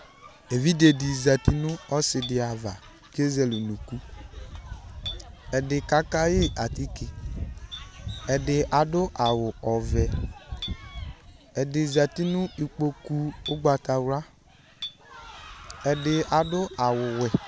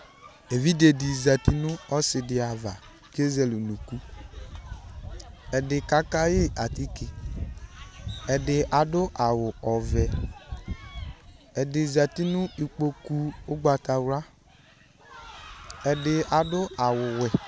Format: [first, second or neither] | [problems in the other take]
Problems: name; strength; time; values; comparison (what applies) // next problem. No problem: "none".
second | background sound (Chink, clink); 19 dB below the speech